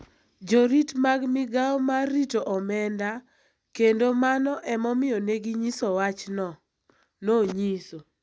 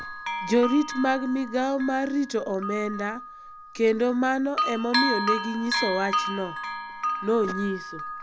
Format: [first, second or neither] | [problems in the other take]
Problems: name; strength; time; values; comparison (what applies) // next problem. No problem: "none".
first | background sound (Bell); 5 dB below the speech